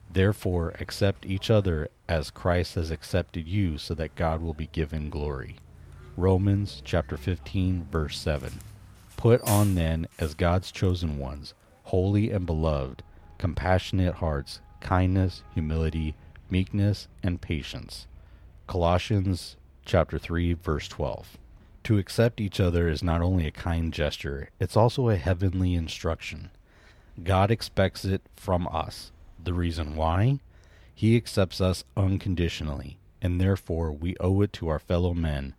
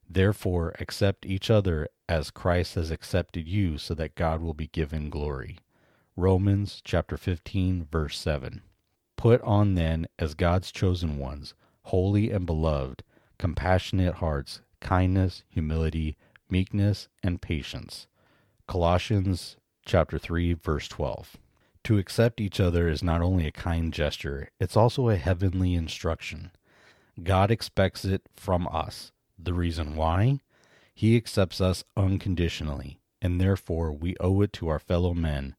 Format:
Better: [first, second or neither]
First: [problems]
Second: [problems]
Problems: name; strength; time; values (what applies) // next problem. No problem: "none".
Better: second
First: traffic noise; faint; throughout; 20 dB below the speech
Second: none